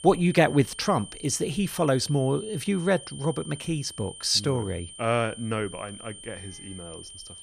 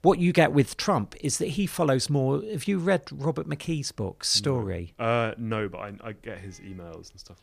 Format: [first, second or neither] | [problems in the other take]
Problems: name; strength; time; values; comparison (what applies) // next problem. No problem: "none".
second | high-pitched whine; noticeable; throughout; 3 kHz, 15 dB below the speech